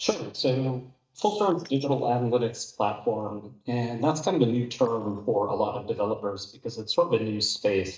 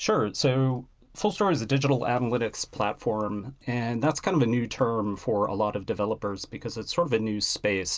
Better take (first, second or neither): second